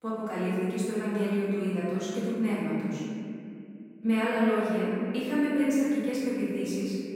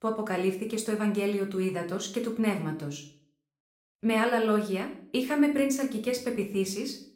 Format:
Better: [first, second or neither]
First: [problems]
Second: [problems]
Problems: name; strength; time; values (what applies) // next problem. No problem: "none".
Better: second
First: room echo; strong; dies away in 2.7 s // off-mic speech; far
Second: room echo; slight; dies away in 0.4 s // off-mic speech; somewhat distant